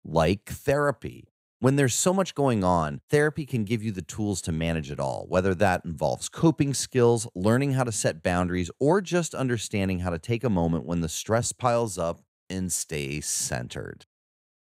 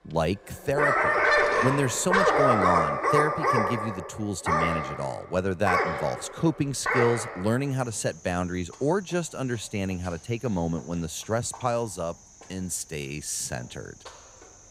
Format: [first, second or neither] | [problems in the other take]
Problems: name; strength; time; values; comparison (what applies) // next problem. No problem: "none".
first | animal sounds; very loud; throughout; 4 dB above the speech